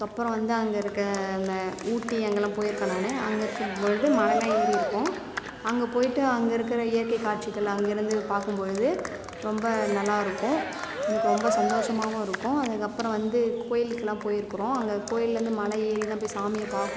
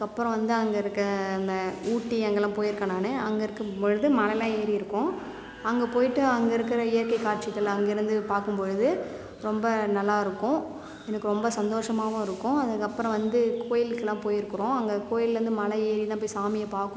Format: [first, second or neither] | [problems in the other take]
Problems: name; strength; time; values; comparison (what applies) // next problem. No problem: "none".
second | background sound (Cheering); 6 dB below the speech